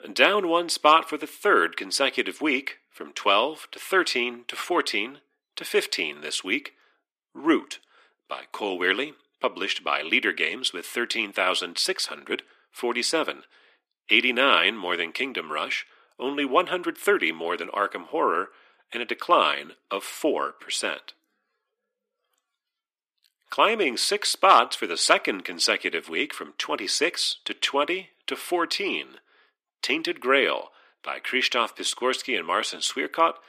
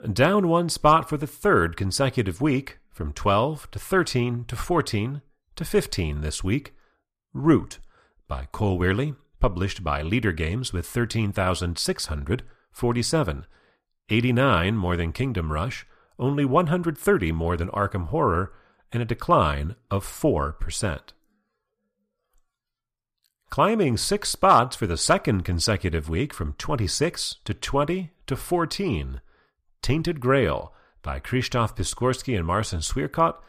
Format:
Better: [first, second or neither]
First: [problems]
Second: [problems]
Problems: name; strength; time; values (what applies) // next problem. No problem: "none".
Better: second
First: thin; somewhat; fading below 300 Hz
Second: none